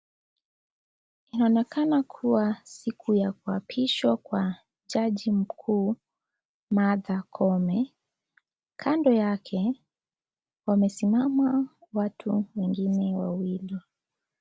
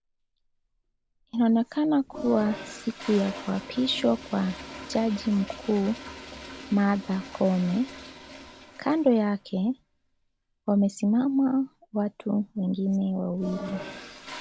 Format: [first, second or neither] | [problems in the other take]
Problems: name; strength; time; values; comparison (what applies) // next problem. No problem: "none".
first | background sound (Toilet flush); 16 dB below the speech